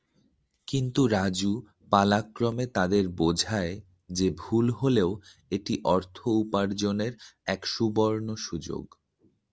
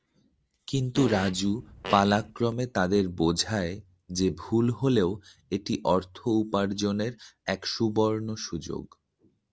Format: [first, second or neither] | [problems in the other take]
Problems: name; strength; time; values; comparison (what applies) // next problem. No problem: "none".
first | background sound (Fart); 10 dB below the speech